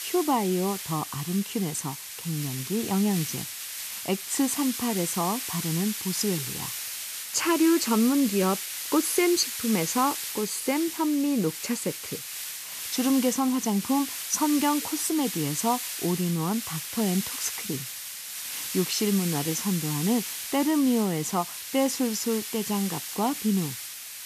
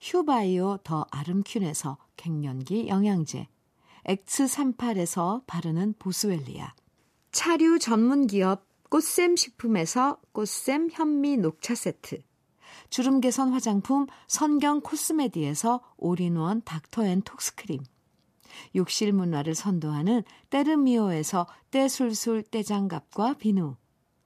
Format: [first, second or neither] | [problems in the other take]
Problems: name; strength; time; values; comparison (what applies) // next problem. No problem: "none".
second | hiss; loud; throughout; 5 dB below the speech